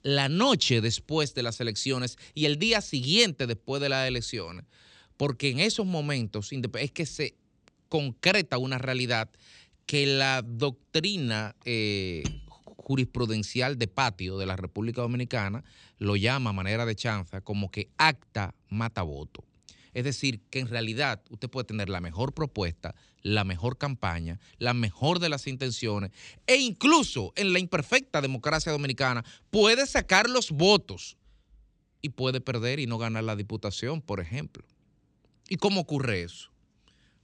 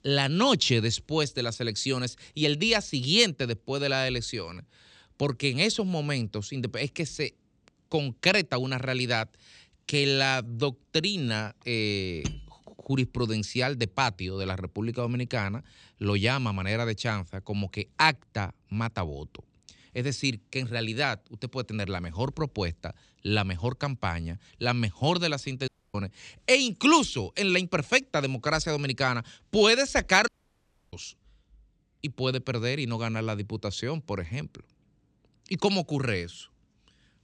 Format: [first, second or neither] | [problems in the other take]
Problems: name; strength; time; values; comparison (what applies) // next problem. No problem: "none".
first | audio cutting out; at 26 s and at 30 s for 0.5 s